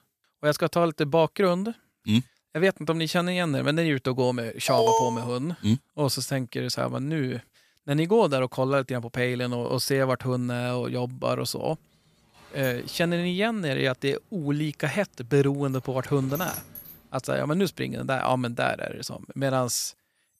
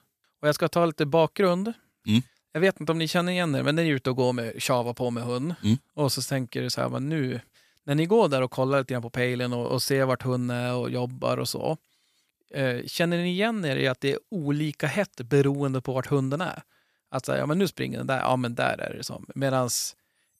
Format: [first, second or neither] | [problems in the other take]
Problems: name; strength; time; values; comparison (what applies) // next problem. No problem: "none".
second | alarm; loud; at 4.5 s; peak 4 dB above the speech // door banging; noticeable; from 13 to 18 s; peak 8 dB below the speech